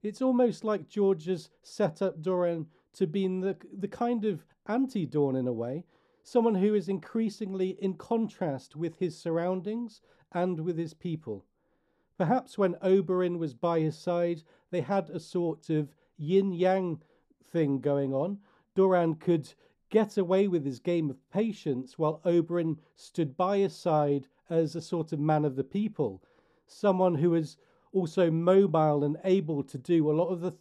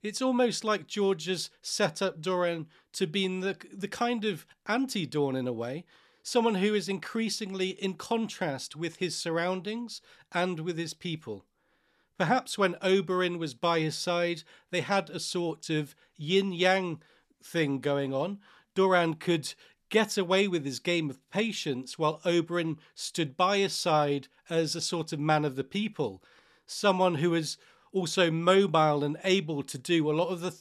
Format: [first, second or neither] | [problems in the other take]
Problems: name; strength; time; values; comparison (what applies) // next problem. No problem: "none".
second | muffled; slightly; fading above 1 kHz